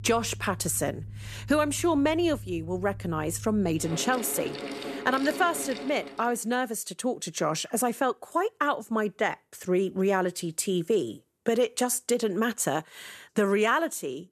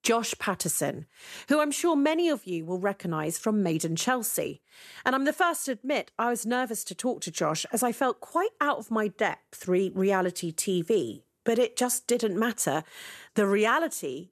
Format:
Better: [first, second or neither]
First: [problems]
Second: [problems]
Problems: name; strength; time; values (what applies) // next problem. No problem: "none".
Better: second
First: machinery noise; noticeable; until 6 s; 10 dB below the speech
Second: none